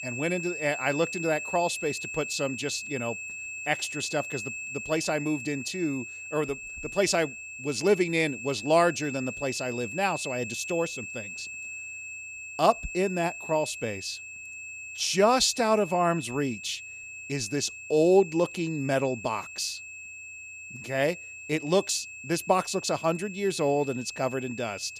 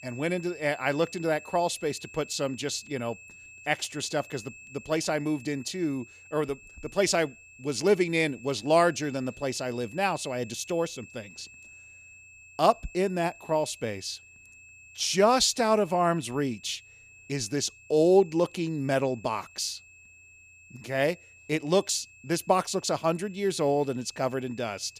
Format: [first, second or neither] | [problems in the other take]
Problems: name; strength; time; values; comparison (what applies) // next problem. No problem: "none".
second | high-pitched whine; loud; throughout; 2.5 kHz, 9 dB below the speech; faint in the second